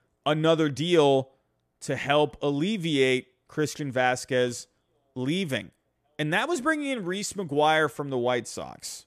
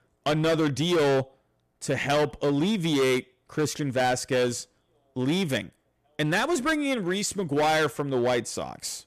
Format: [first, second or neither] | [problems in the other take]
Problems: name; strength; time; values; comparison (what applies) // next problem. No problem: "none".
first | distortion; heavy; 12% of the sound clipped